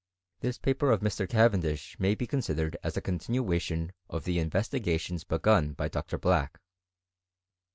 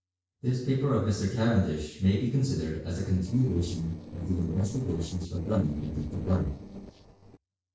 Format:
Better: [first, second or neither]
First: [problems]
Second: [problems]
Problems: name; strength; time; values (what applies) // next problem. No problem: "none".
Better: first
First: none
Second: noise reduction (neural separator model SepFormer DNS4)